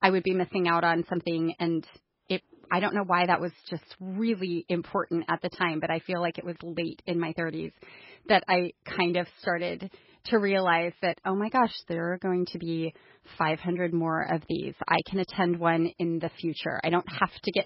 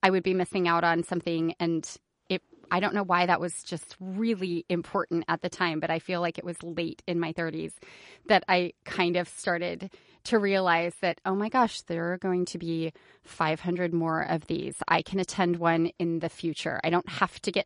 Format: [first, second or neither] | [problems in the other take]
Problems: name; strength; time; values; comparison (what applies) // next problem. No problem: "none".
second | garbled, watery; badly; nothing above 5 kHz; slightly in the second